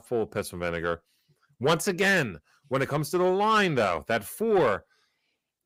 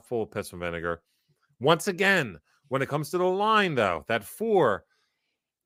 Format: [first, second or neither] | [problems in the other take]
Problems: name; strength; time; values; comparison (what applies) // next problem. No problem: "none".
second | distortion; slight; 10 dB below the speech